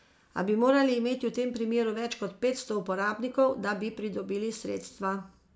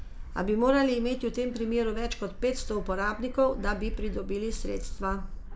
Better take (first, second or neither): first